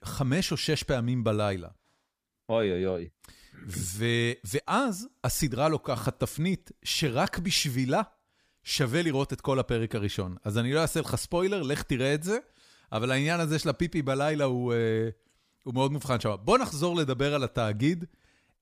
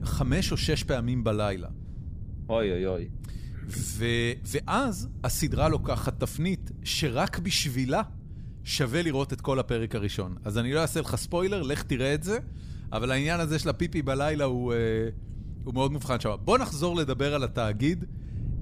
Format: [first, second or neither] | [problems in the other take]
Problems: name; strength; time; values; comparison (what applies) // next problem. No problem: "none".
first | wind noise on the microphone; occasional gusts; 20 dB below the speech